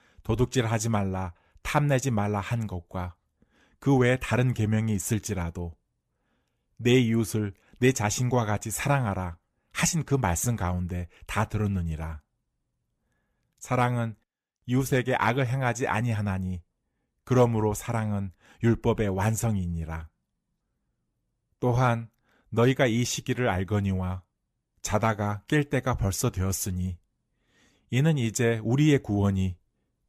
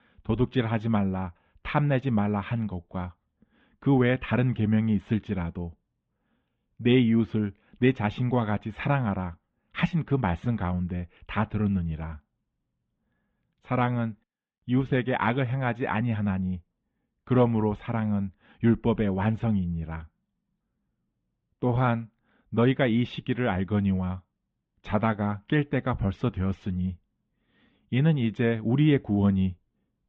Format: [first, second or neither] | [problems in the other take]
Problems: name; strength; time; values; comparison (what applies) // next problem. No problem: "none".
first | muffled; very; fading above 3.5 kHz